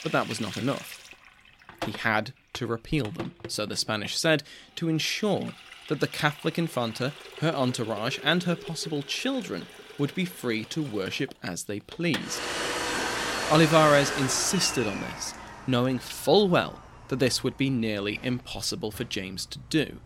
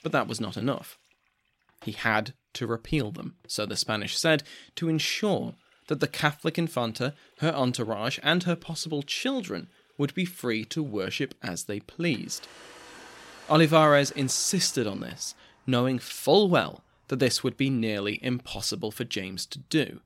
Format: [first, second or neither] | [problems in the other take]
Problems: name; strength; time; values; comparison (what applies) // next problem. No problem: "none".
second | household noises; loud; throughout; 8 dB below the speech; faint in the second